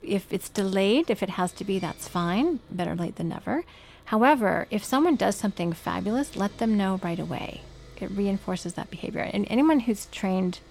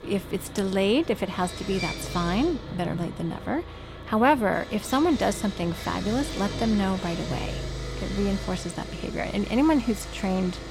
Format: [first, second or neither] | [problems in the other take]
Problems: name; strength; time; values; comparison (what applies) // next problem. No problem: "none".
first | machinery noise; loud; throughout; 9 dB below the speech; faint in the first